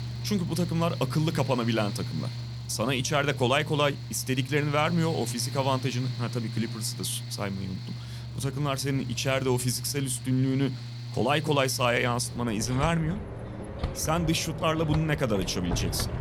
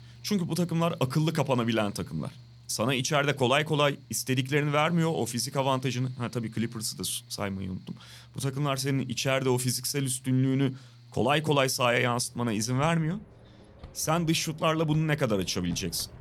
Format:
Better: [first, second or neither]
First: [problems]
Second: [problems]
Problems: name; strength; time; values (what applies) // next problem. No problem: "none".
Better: second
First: machinery noise; loud; throughout; 8 dB below the speech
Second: machinery noise; faint; throughout; 25 dB below the speech